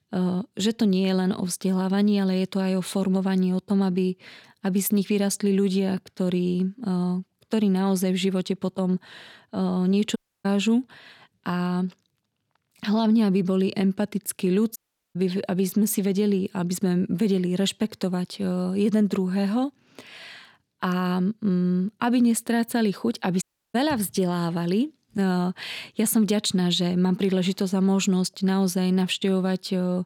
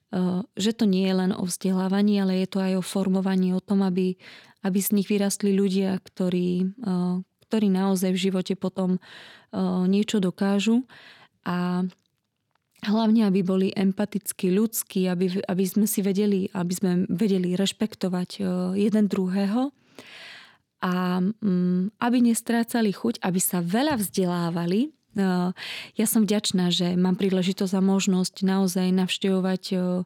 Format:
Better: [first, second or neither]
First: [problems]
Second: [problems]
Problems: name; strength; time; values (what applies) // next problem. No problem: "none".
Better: second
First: audio cutting out; at 10 s, at 15 s and at 23 s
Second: none